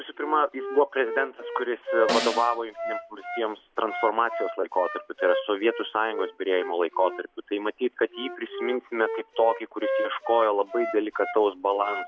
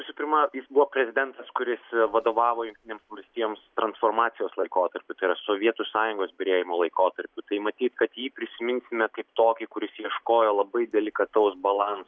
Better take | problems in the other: second | background sound (Wind instrument, woodwind instrument + Snare drum); 7 dB below the speech

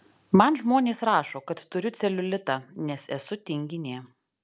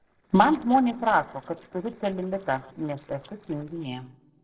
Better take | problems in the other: first | noise reduction (neural separator model SepFormer DNS4)

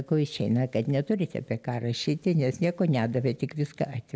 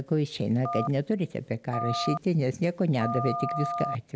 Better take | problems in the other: first | background sound (Telephone); 6 dB below the speech

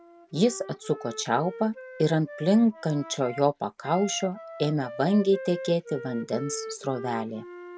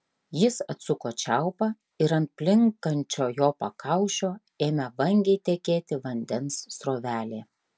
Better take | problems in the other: second | background sound (Wind instrument, woodwind instrument); 14 dB below the speech

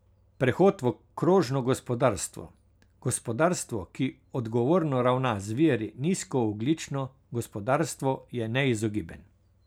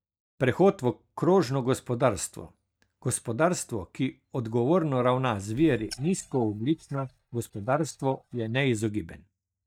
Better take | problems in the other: first | noise reduction (neural mask model DeepFilterNet 3)

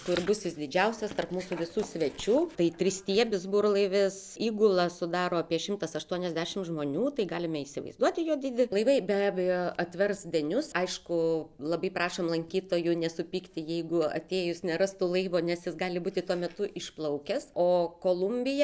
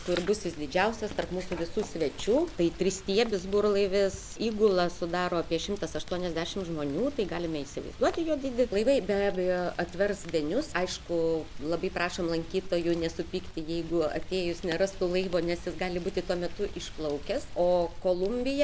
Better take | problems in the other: first | background sound (Rain); 11 dB below the speech

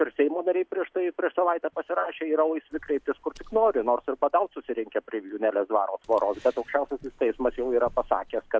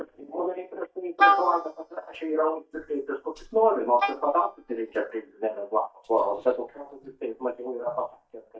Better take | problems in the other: first | noise reduction (neural mask model DeepFilterNet 3)

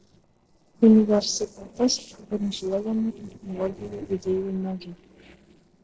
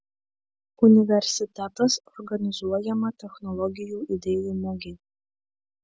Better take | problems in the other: second | noise reduction (neural separator model SepFormer DNS4)

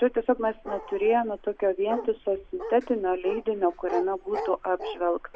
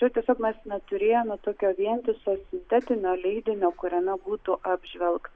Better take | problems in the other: second | background sound (Bark); 13 dB below the speech

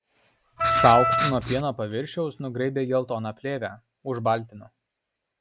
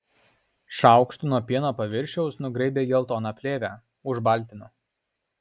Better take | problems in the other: second | background sound (Writing + Wind instrument, woodwind instrument); 2 dB above the speech

